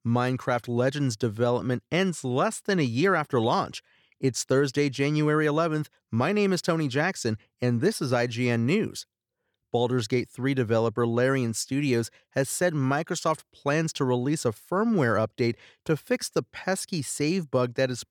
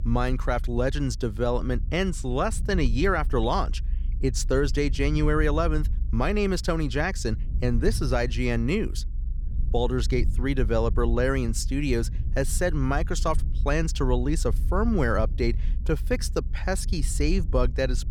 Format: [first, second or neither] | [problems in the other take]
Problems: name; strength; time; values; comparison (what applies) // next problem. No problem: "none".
first | low rumble; faint; throughout; 20 dB below the speech